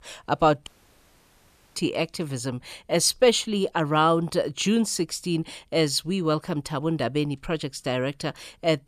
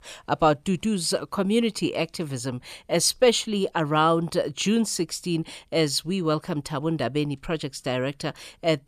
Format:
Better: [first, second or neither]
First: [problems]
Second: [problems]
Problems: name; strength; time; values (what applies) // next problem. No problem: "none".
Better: second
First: audio cutting out; at 0.5 s for 1 s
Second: none